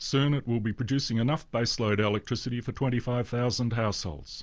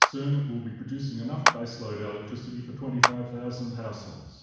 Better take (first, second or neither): first